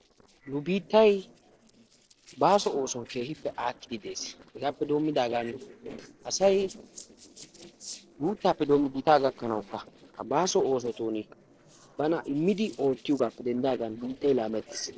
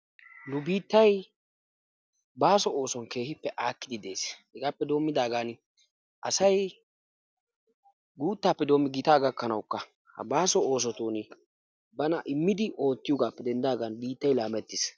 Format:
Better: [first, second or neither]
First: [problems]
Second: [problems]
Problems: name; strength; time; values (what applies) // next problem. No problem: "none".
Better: second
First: noise reduction (neural separator model SepFormer DNS4)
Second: none